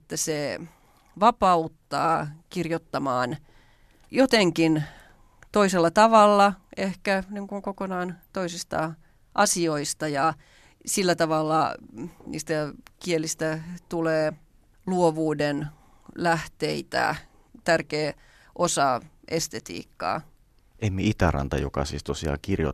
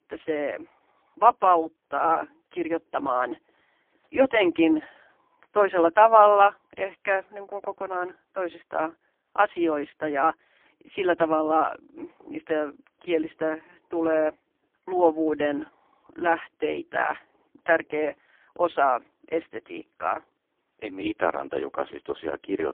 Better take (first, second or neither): first